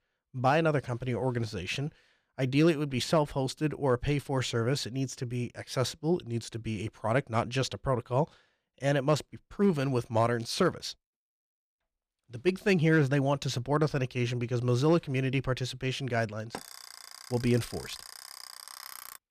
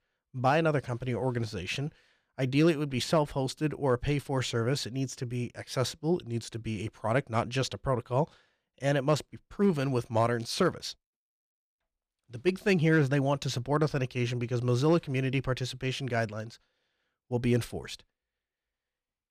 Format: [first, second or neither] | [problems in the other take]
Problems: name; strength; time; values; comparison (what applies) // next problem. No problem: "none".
second | alarm; faint; from 17 s on; peak 15 dB below the speech